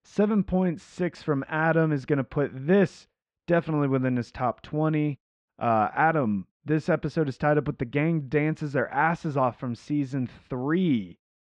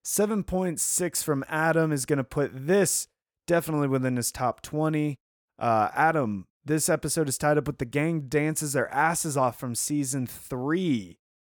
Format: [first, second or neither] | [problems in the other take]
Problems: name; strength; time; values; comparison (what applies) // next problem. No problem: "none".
second | muffled; very; fading above 3.5 kHz